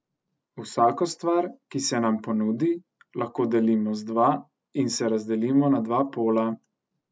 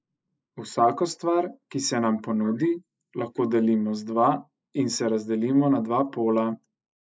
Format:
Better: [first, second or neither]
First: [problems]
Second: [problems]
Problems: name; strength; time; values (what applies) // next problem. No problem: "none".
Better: first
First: none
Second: noise reduction (neural mask model Resemble Enhance denoiser)